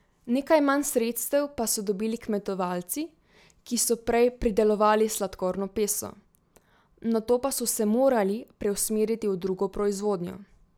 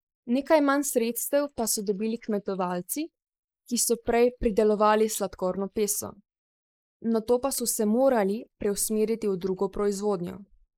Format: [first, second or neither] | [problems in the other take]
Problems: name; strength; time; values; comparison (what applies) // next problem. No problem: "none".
first | noise reduction (neural mask model Resemble Enhance denoiser)